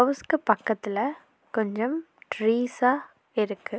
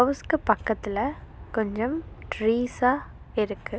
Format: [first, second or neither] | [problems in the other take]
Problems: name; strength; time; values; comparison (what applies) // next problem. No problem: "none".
first | background sound (Aircraft); 16 dB below the speech